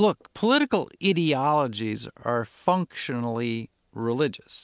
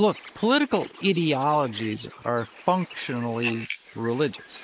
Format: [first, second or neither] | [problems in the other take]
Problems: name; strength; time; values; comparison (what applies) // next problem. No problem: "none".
first | noise reduction (neural mask model Resemble Enhance denoiser)